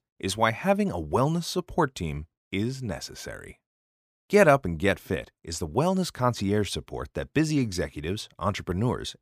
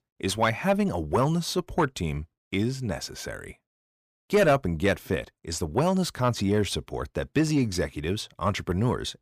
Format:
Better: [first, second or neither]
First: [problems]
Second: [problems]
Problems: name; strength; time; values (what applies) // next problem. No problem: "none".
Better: first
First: none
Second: distortion; slight; 10 dB below the speech